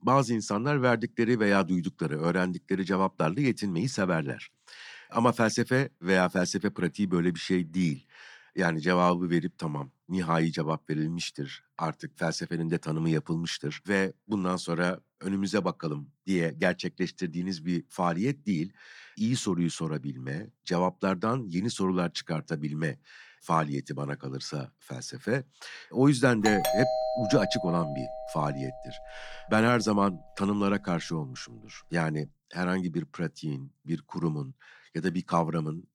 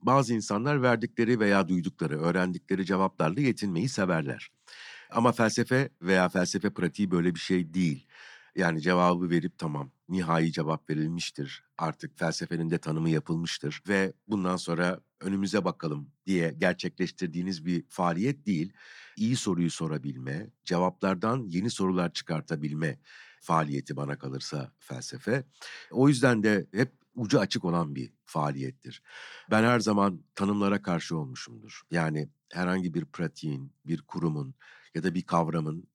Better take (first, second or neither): second